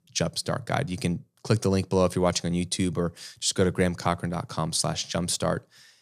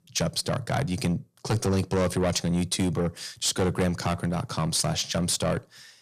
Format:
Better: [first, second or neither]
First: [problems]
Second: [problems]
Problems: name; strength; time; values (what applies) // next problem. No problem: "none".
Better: first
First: none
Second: distortion; heavy; 8 dB below the speech